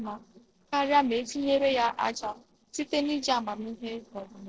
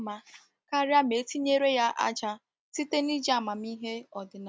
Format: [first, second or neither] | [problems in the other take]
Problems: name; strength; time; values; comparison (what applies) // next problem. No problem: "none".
second | noise reduction (neural separator model SepFormer DNS4)